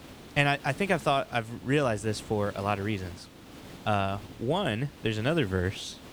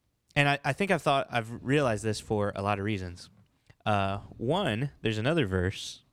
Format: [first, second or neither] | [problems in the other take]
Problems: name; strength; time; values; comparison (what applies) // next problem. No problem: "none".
second | hiss; noticeable; throughout; 20 dB below the speech